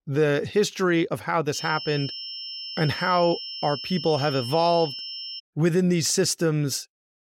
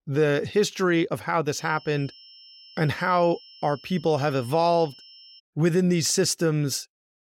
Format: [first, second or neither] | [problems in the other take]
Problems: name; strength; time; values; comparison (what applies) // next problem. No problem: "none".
second | high-pitched whine; loud; from 1.5 to 5.5 s; 5.5 kHz, 9 dB below the speech; faint in the second